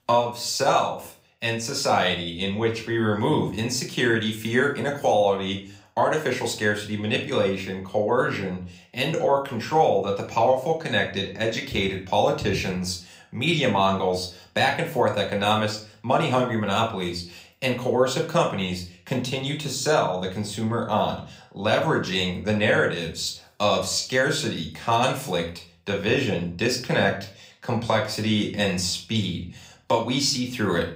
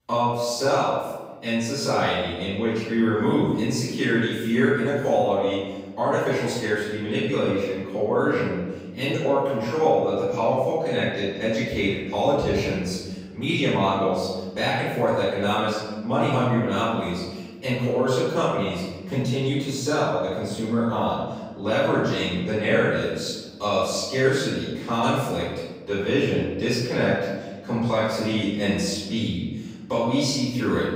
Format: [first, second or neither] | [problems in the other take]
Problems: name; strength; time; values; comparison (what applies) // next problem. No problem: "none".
first | room echo; strong; dies away in 1.3 s; slight in the first // off-mic speech; far; somewhat distant in the first